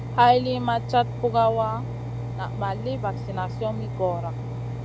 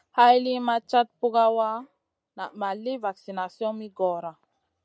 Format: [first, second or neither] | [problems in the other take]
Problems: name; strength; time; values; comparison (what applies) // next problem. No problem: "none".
second | background sound (Engine); 6 dB below the speech